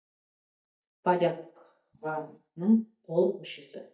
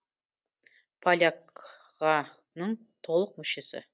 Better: second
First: noise reduction (neural mask model DeepFilterNet 3)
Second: none

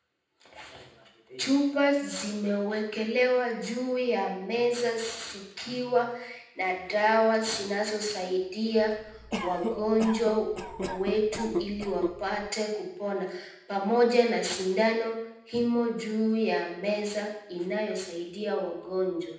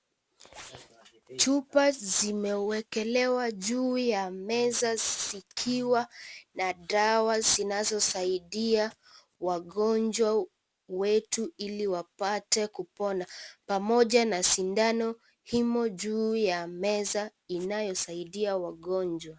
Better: second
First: background sound (Cough); 7 dB below the speech // room echo; dies away in 0.8 s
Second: none

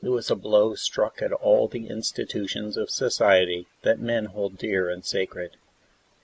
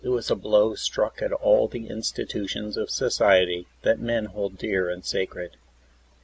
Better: second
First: noise reduction (neural mask model Resemble Enhance denoiser)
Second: none

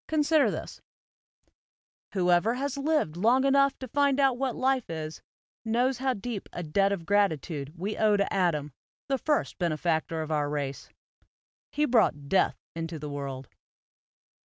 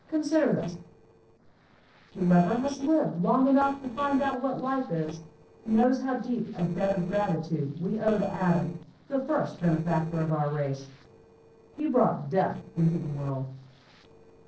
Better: first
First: none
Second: noise reduction (neural separator model SepFormer DNS4)

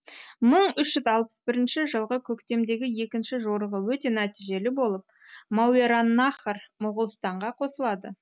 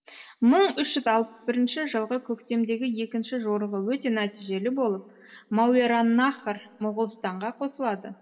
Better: first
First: none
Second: room echo; dies away in 1.1 s

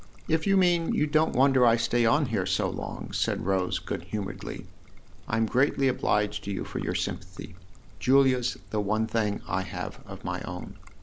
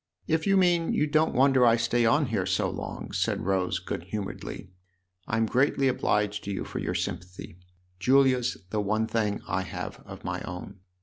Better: second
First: background sound (Trickle, dribble); 12 dB below the speech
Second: none

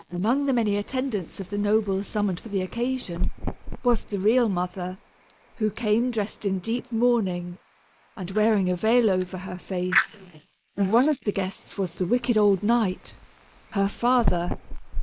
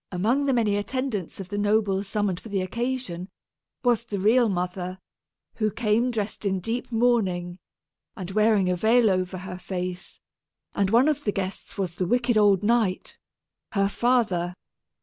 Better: second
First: noise reduction (neural mask model Resemble Enhance denoiser)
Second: none

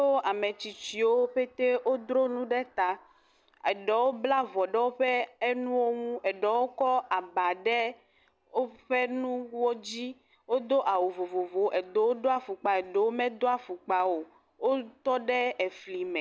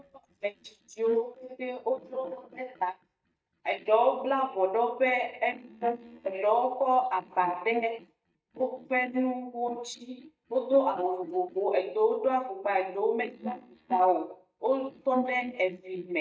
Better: first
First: none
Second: noise reduction (neural mask model DeepFilterNet 3)

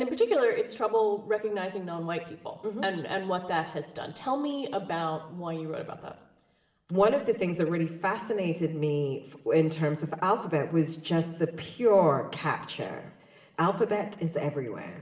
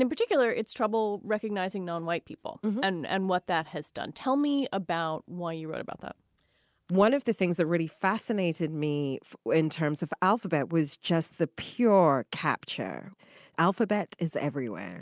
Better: second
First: room echo; dies away in 1.1 s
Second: none

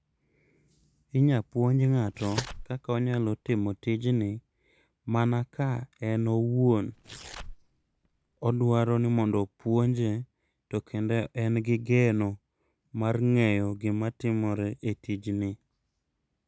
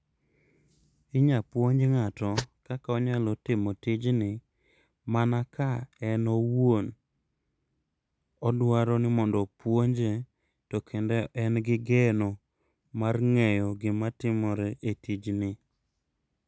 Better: second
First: background sound (Tearing); 18 dB below the speech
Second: none

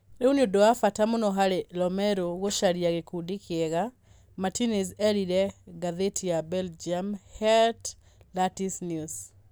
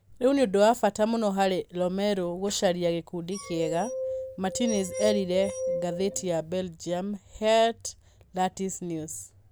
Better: first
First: none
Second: background sound (Glass); 6 dB below the speech

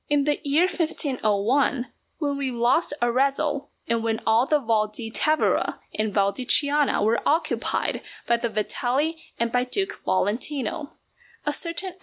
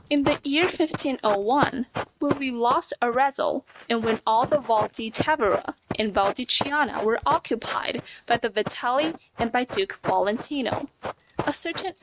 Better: first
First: none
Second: noise reduction (neural mask model RNNoise)

